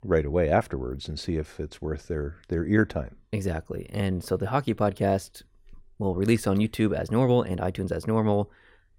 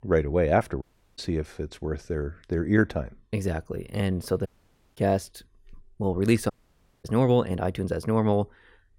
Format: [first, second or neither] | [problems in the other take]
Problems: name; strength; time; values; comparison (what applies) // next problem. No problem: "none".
first | audio cutting out; at 1 s, at 4.5 s for 0.5 s and at 6.5 s for 0.5 s